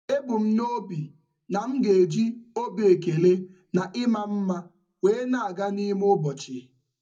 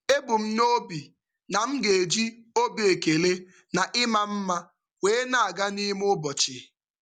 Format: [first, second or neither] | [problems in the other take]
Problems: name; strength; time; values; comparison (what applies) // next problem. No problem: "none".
second | room echo; dies away in 0.3 s